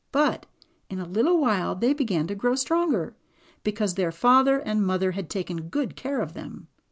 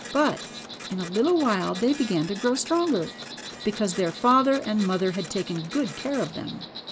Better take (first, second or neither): first